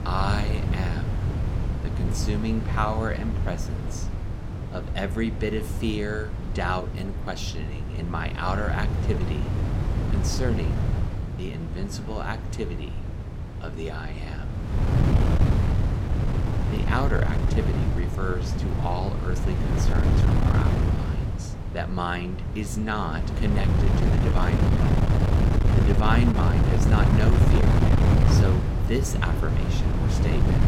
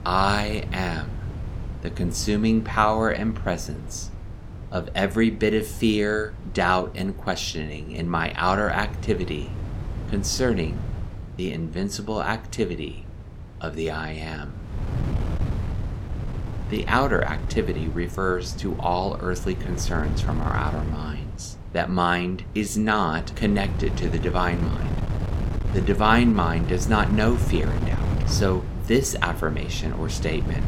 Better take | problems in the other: second | wind noise on the microphone; heavy; 2 dB below the speech; occasional gusts in the second

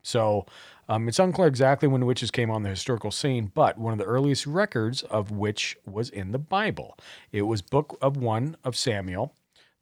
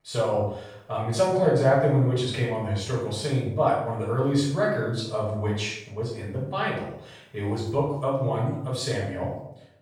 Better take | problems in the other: first | off-mic speech; far // room echo; noticeable; dies away in 0.6 s

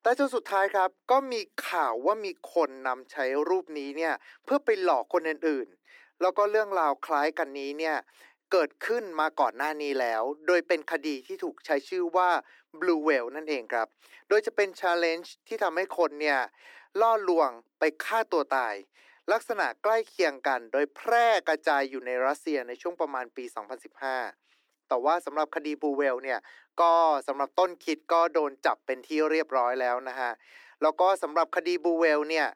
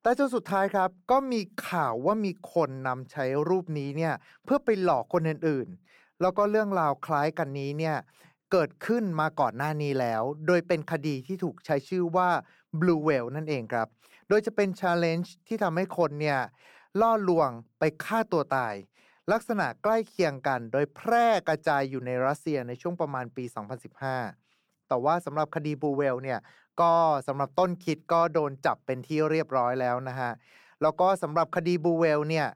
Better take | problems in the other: second | thin; somewhat; fading below 300 Hz

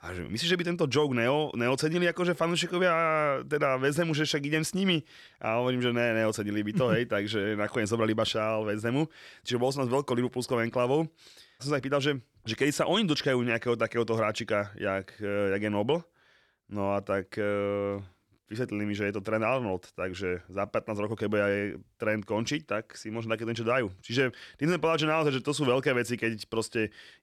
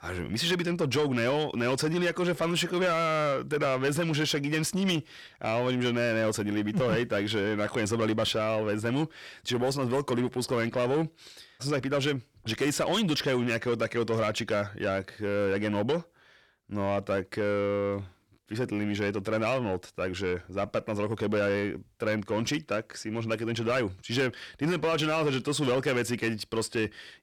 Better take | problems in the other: first | distortion; slight; 10 dB below the speech

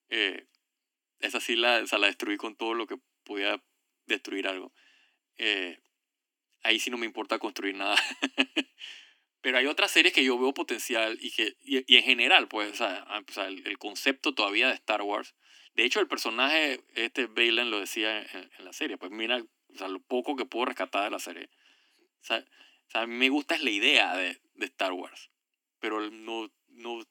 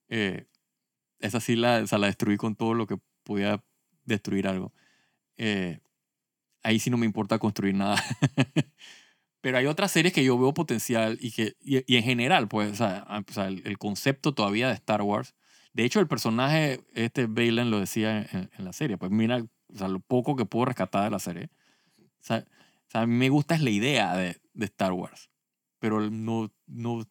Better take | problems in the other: second | thin; somewhat; fading below 250 Hz

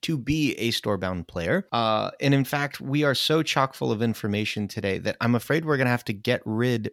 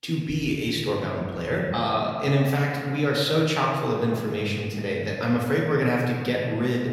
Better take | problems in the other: first | room echo; noticeable; dies away in 1.8 s // off-mic speech; somewhat distant

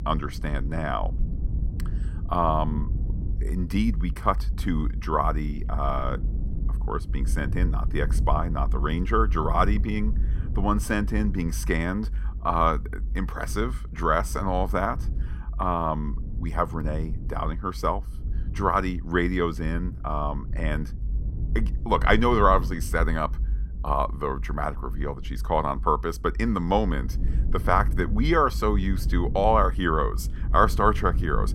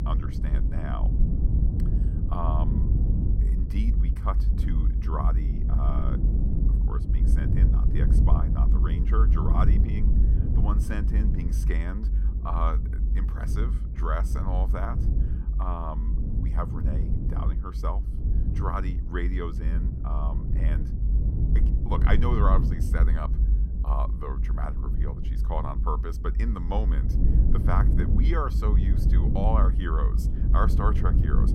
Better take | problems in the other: first | low rumble; loud; throughout; 6 dB below the speech; faint in the first

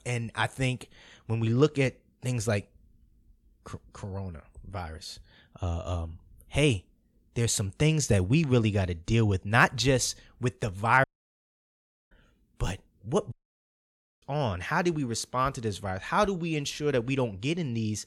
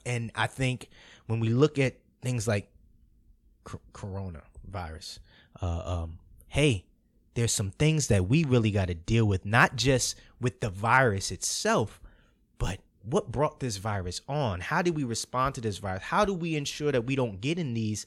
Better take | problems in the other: second | audio cutting out; at 11 s for 1 s and at 13 s for 1 s

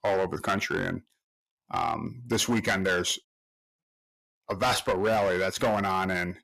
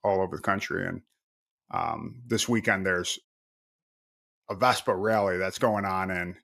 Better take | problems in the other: second | distortion; heavy; 8% of the sound clipped

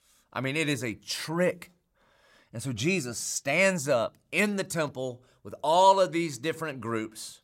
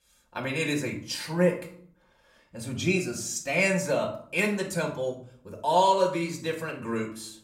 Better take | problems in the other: first | room echo; slight; dies away in 0.4 s // off-mic speech; somewhat distant

